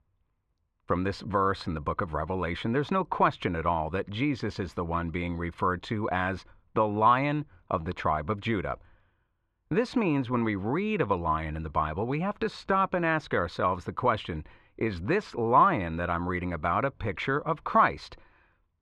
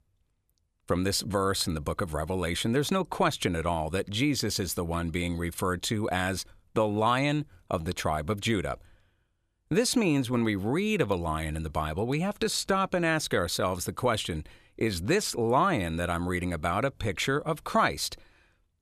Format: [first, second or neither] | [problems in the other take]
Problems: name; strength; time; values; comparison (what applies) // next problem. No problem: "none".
second | muffled; very; fading above 2 kHz